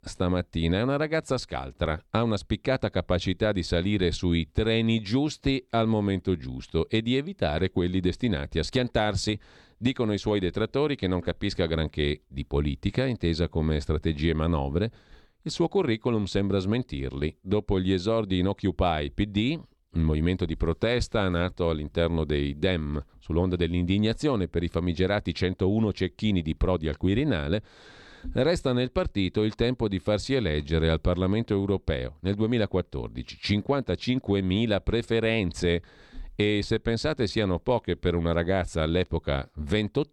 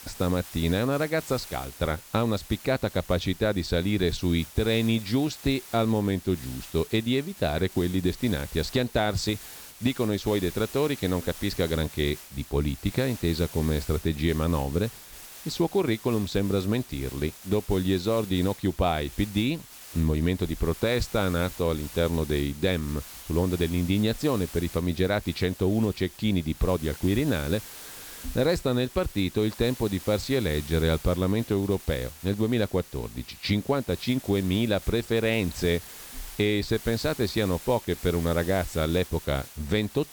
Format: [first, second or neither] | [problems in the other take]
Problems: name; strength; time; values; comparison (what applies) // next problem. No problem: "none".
first | hiss; noticeable; throughout; 15 dB below the speech